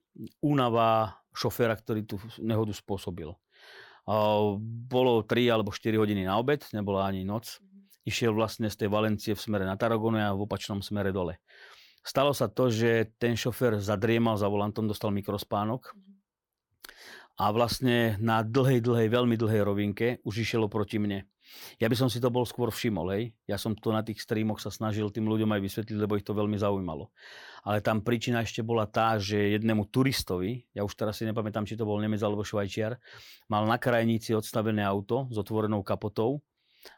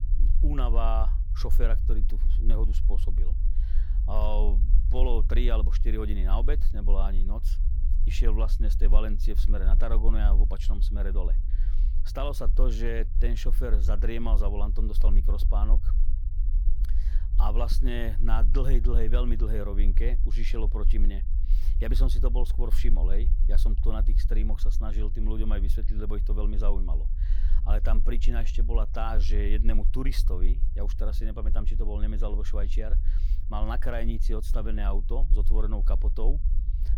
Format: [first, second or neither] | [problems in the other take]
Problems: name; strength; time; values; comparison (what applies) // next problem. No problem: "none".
first | low rumble; noticeable; throughout; 15 dB below the speech